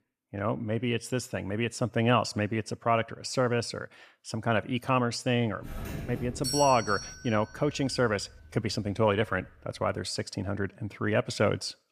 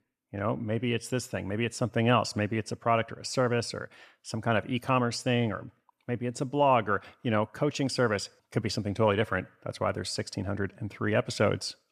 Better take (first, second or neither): second